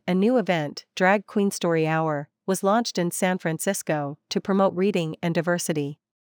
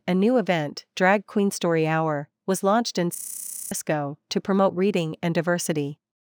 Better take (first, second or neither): first